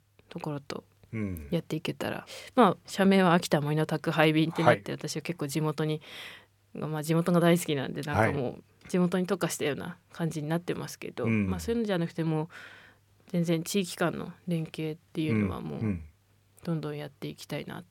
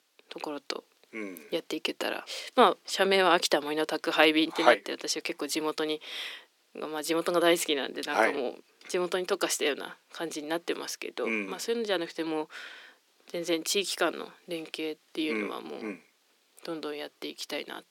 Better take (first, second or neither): first